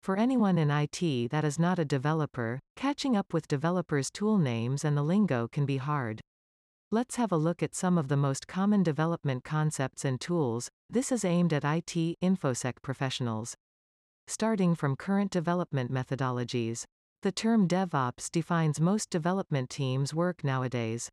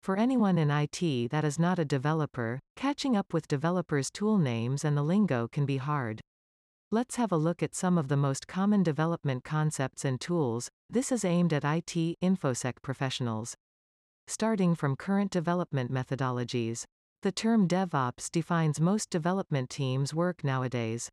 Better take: neither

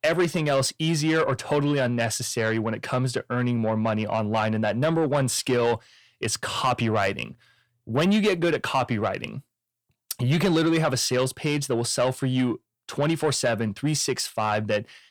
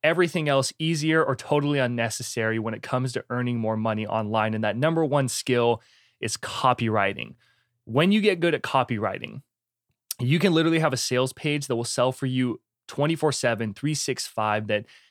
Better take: second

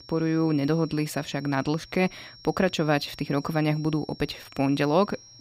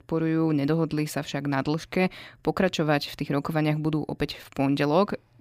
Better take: second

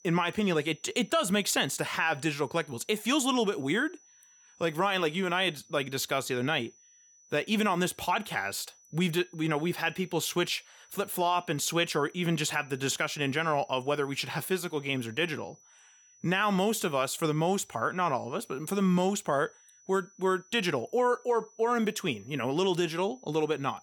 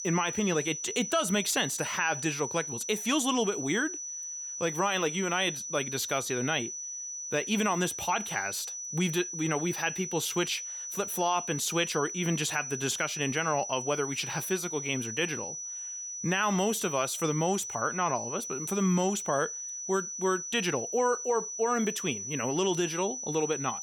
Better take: first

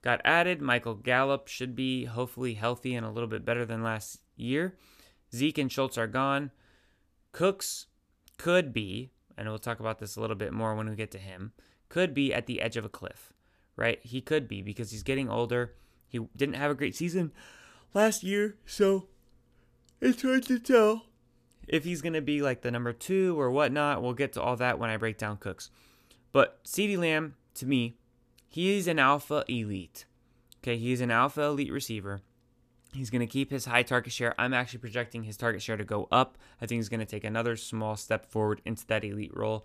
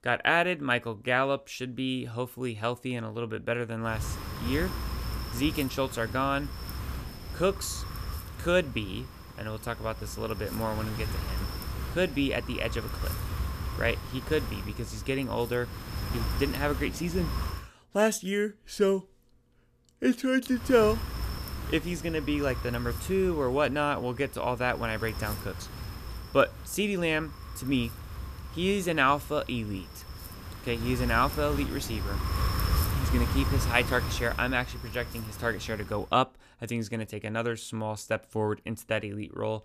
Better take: first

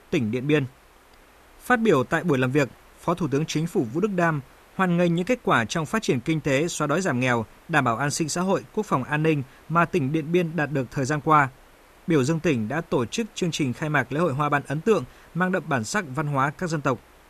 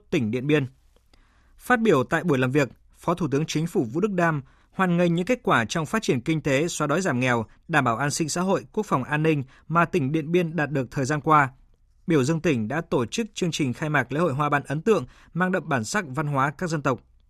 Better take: second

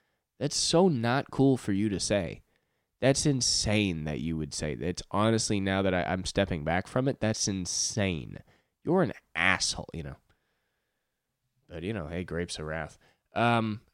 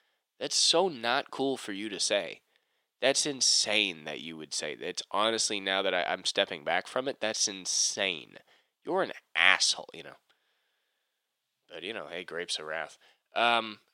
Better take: first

